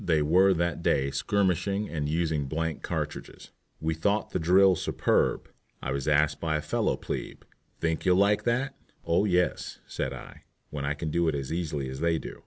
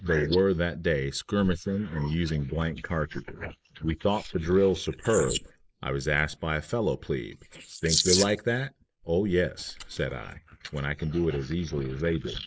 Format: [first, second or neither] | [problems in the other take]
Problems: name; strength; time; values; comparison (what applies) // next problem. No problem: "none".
first | noise reduction (neural mask model Resemble Enhance denoiser)